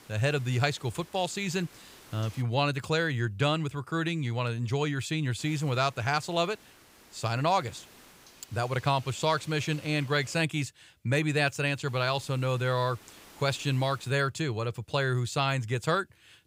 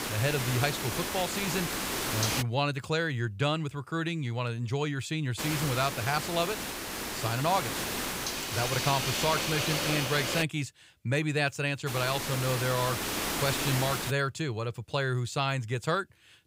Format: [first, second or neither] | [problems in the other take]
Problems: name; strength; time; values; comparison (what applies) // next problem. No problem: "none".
first | hiss; loud; until 2.5 s, from 5.5 to 10 s and from 12 to 14 s; 1 dB below the speech; faint in the first